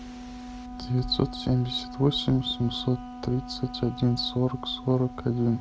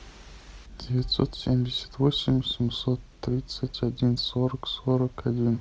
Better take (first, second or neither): second